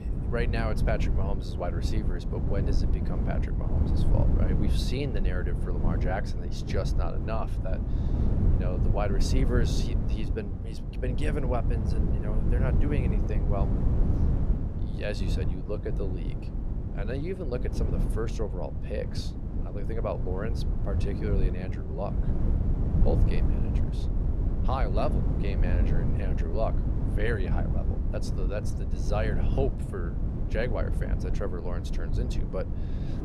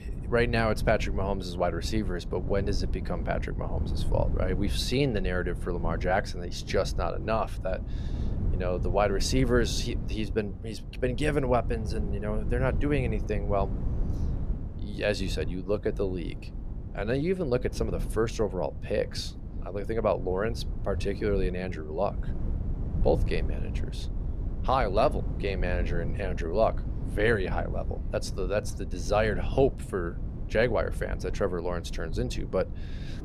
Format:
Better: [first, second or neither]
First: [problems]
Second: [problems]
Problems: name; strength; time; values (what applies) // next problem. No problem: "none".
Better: second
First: wind noise on the microphone; heavy; 5 dB below the speech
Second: wind noise on the microphone; occasional gusts; 15 dB below the speech